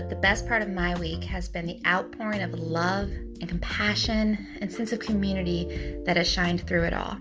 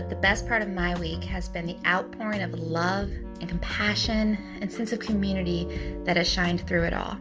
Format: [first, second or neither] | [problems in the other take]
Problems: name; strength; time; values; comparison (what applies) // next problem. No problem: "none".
first | background sound (Wind instrument, woodwind instrument); 18 dB below the speech